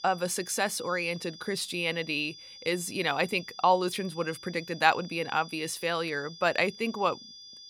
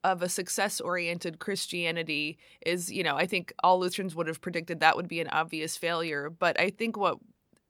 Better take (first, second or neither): second